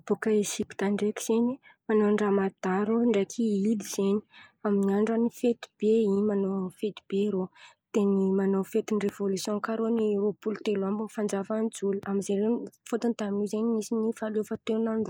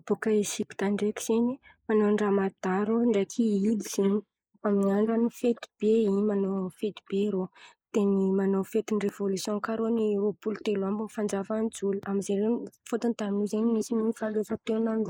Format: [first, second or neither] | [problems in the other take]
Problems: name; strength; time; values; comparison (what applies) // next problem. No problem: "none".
first | noise reduction (neural mask model Resemble Enhance denoiser)